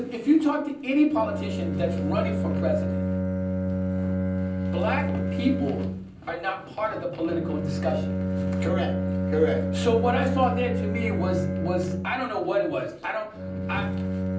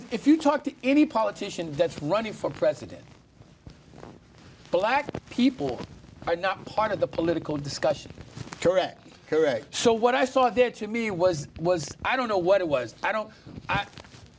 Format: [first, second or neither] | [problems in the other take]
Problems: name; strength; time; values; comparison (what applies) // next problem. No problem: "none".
second | background sound (Bowed string instrument); as loud as the speech // room echo; dies away in 0.6 s